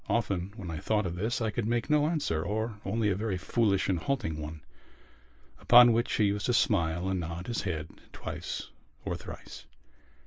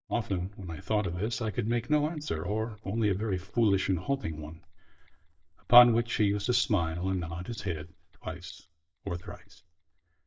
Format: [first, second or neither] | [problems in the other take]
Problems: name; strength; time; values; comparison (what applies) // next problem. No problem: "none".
first | noise reduction (neural mask model DeepFilterNet 3)